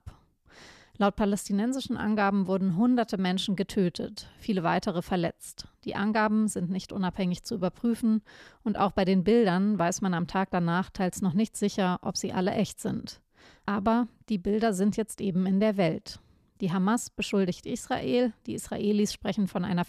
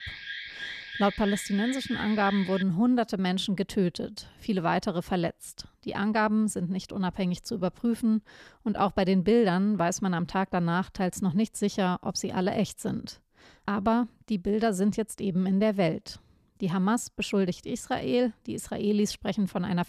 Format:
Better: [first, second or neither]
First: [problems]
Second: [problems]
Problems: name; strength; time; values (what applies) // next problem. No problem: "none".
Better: first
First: none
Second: alarm; noticeable; until 2.5 s; peak 8 dB below the speech